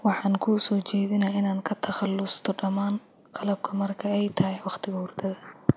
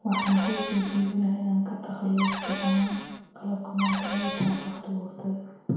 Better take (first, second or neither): first